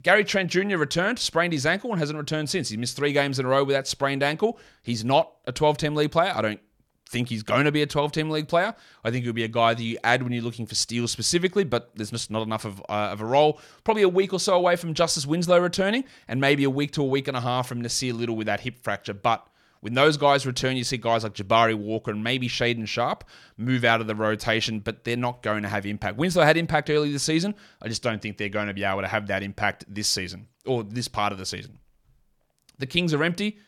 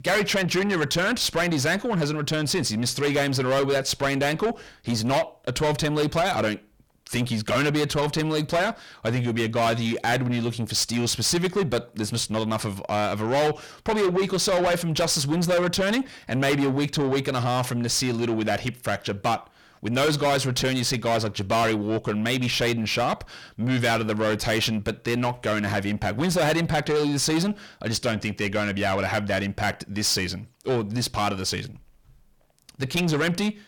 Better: first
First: none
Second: distortion; heavy; 6 dB below the speech

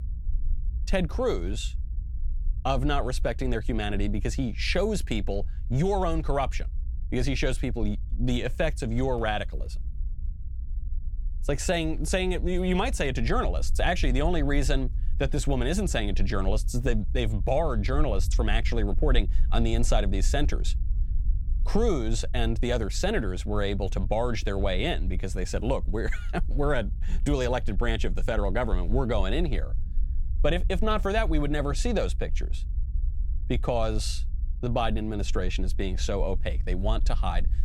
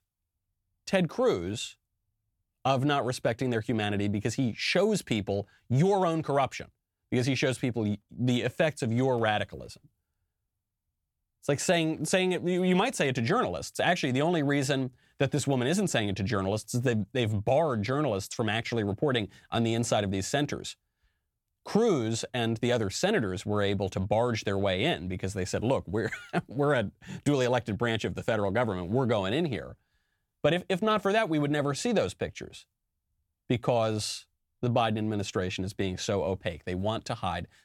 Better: second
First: low rumble; faint; throughout; 25 dB below the speech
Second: none

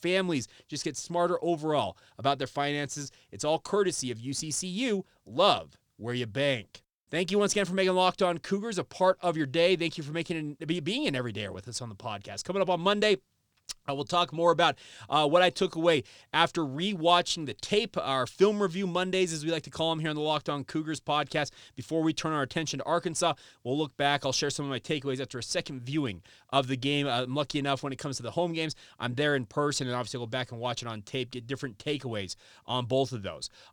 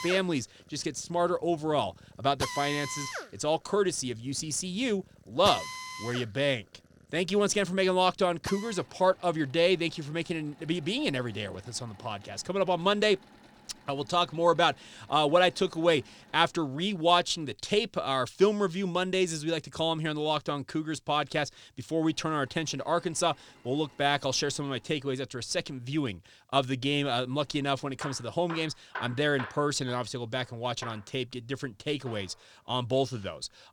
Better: first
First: none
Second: machinery noise; noticeable; throughout; 15 dB below the speech

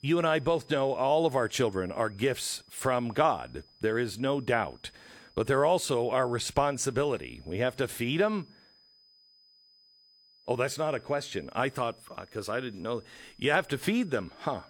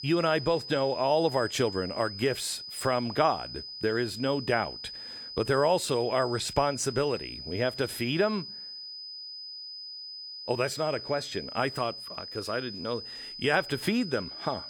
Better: first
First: high-pitched whine; faint; throughout; 5 kHz, 30 dB below the speech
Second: high-pitched whine; loud; throughout; 5 kHz, 9 dB below the speech

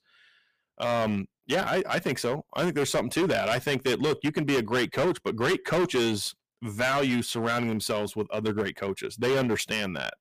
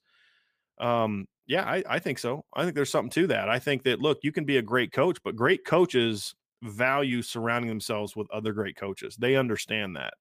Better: second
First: distortion; heavy; 13% of the sound clipped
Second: none

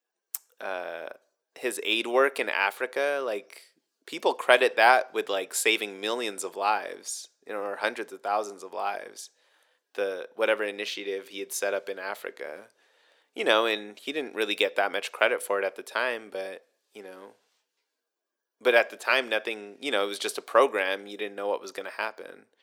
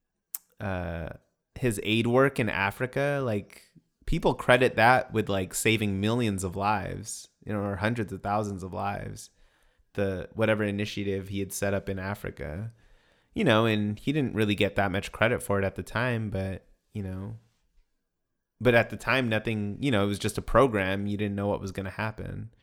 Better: second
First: thin; very; fading below 400 Hz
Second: none

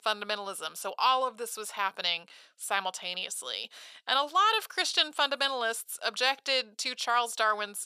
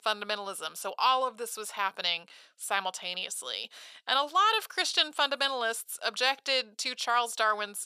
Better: neither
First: thin; very; fading below 650 Hz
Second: thin; very; fading below 650 Hz

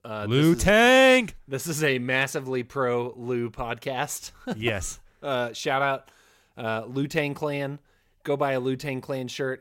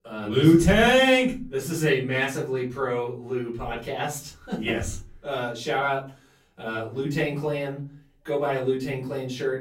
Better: first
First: none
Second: off-mic speech; far // room echo; slight; dies away in 0.5 s

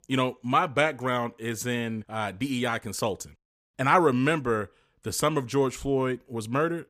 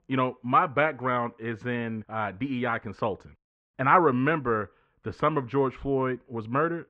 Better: first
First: none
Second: muffled; very; fading above 2.5 kHz

